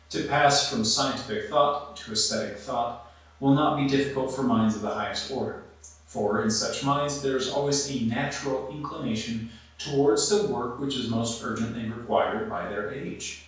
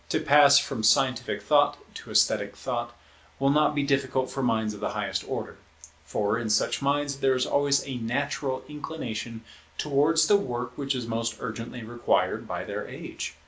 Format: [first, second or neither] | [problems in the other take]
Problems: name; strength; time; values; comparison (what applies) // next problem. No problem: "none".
second | room echo; dies away in 0.5 s